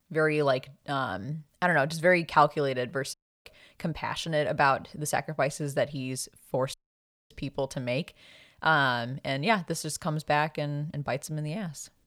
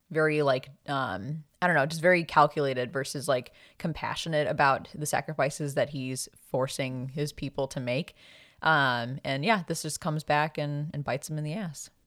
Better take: second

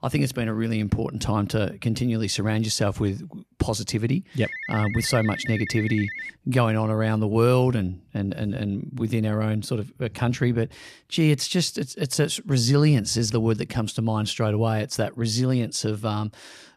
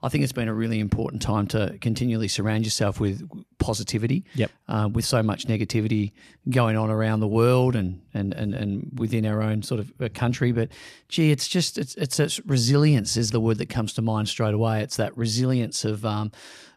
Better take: second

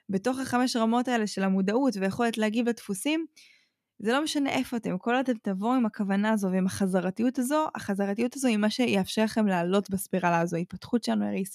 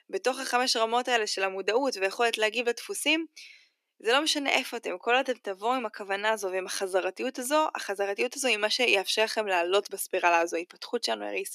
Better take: first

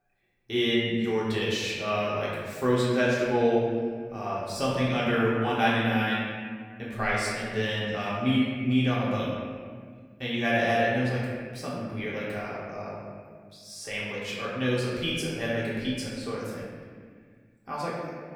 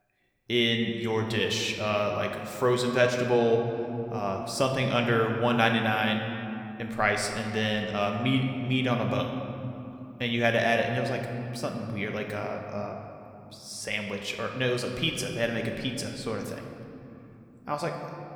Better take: second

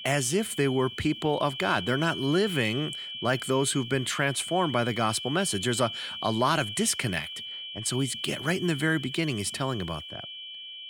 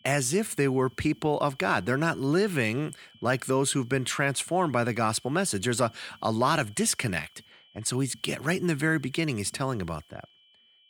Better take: second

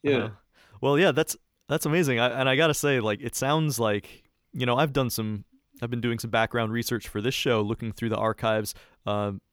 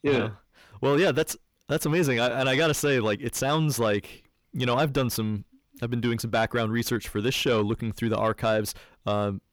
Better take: first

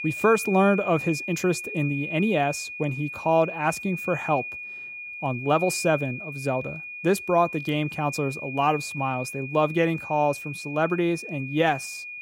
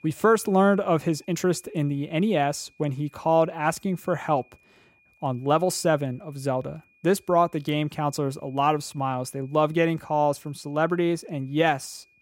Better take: second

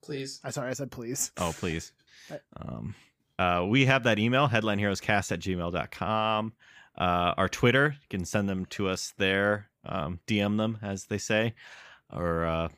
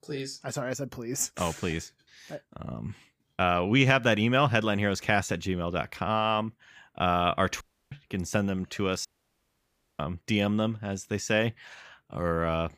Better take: first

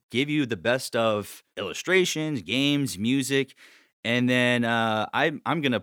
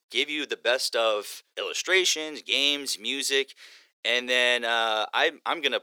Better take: first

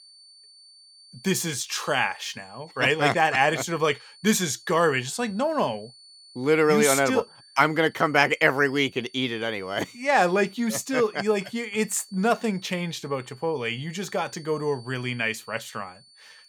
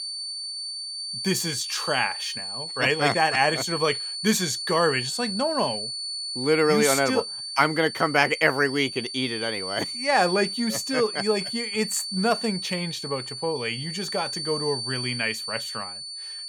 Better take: first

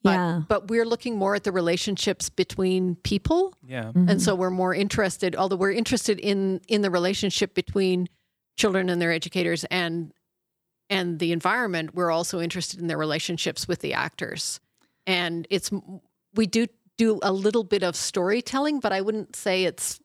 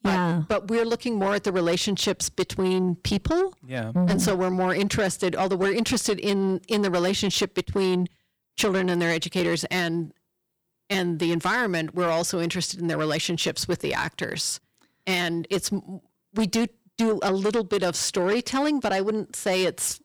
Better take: first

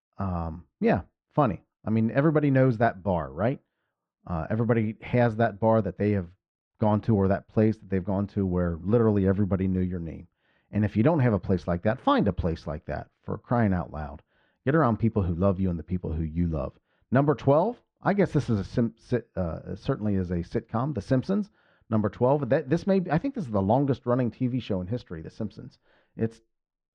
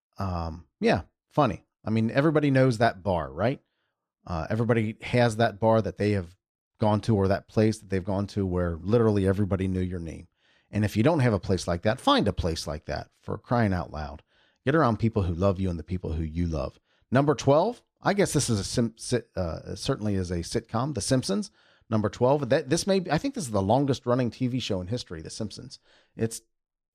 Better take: second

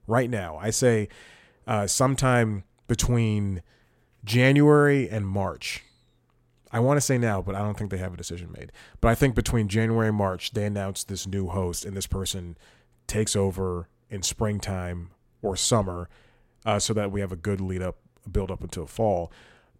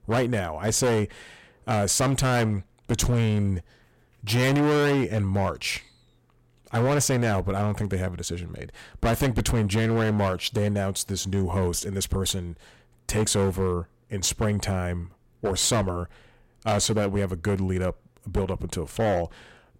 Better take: first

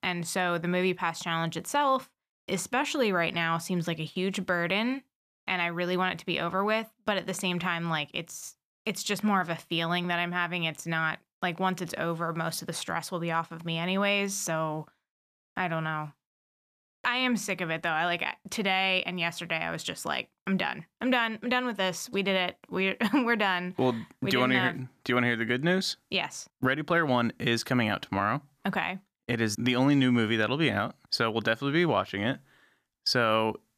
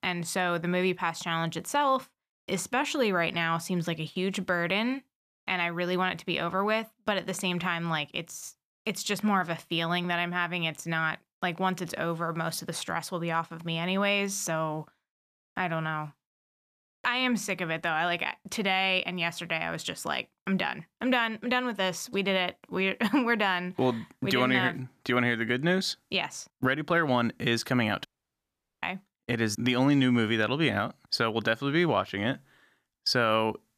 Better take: first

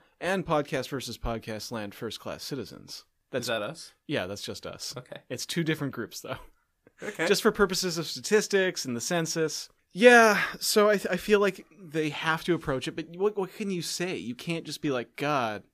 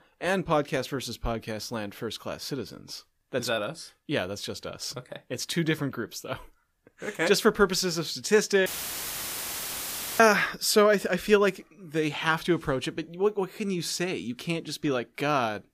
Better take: first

